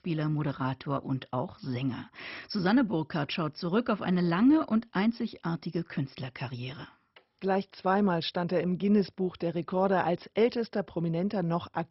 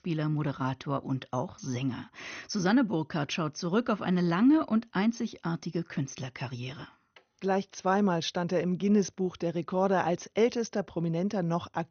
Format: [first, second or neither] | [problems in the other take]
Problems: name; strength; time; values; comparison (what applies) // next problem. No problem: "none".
second | garbled, watery; badly; nothing above 5.5 kHz; slightly in the second